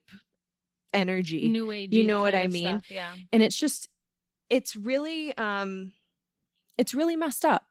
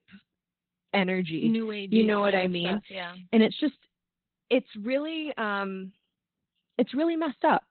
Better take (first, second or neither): first